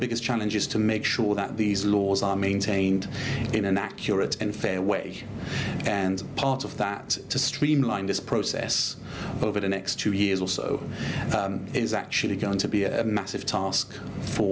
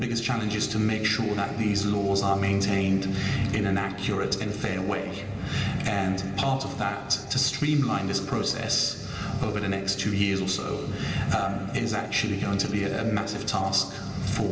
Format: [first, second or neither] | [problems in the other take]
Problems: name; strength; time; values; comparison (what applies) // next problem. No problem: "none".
first | room echo; dies away in 2.9 s